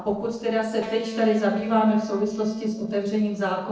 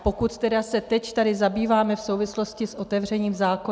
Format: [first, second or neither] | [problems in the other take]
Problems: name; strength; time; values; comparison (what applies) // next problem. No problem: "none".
second | noise reduction (neural separator model SepFormer DNS4)